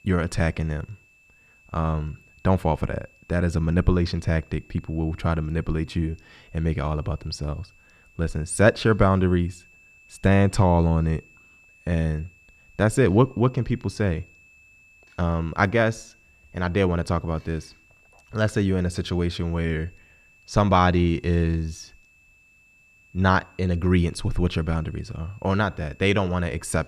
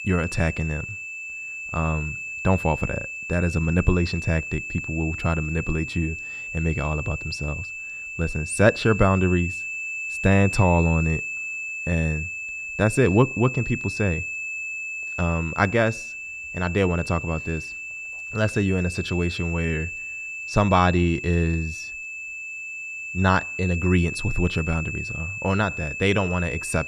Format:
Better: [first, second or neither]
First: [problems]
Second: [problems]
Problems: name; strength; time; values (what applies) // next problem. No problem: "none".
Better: first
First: high-pitched whine; faint; throughout; 2.5 kHz, 30 dB below the speech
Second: high-pitched whine; loud; throughout; 2.5 kHz, 6 dB below the speech